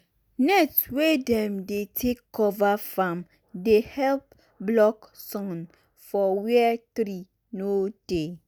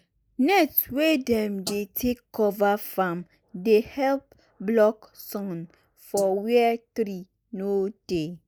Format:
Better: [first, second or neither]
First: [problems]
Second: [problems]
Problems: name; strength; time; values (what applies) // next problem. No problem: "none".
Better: first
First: none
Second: noise reduction (neural mask model Resemble Enhance denoiser)